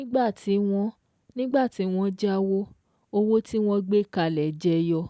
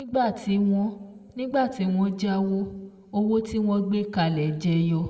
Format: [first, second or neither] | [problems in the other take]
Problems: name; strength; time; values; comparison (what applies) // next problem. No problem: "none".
first | room echo; dies away in 1 s